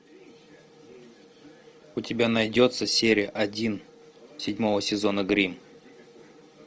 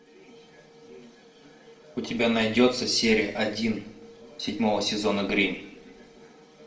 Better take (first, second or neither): first